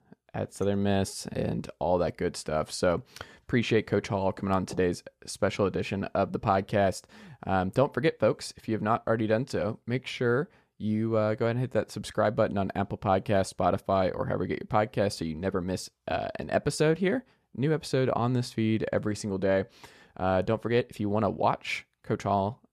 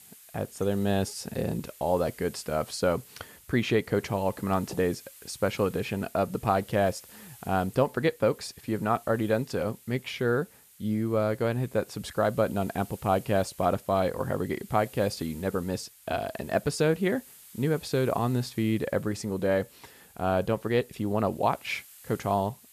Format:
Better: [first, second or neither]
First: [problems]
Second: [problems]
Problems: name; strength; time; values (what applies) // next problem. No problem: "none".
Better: first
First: none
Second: hiss; faint; throughout; 20 dB below the speech